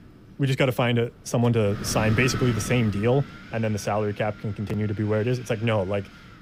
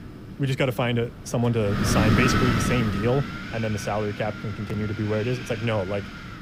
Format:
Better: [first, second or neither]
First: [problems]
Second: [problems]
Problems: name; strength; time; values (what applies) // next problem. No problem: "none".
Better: first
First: wind noise on the microphone; occasional gusts; 10 dB below the speech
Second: wind noise on the microphone; heavy; 2 dB below the speech